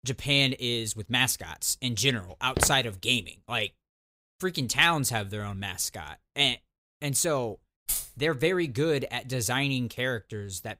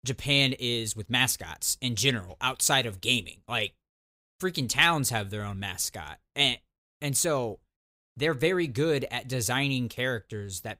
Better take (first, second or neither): second